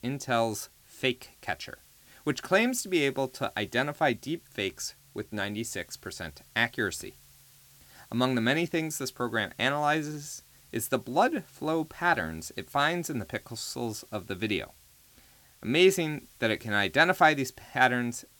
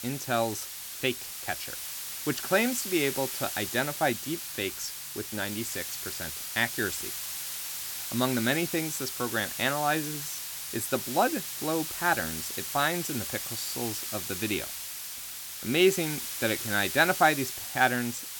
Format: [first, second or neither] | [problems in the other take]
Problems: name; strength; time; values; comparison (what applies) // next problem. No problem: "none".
first | hiss; loud; throughout; 4 dB below the speech; faint in the first